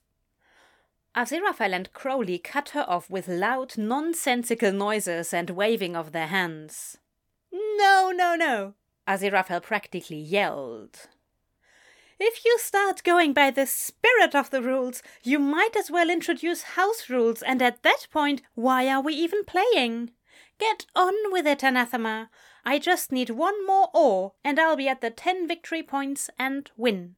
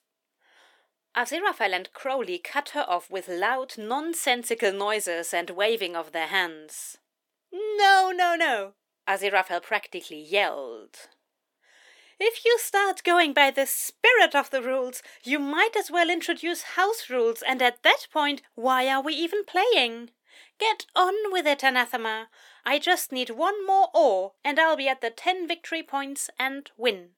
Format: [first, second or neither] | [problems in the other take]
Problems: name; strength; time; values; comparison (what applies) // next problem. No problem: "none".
first | thin; very slightly; fading below 350 Hz